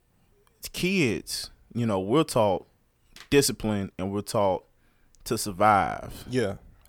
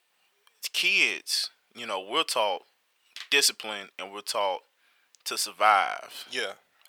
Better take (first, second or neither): first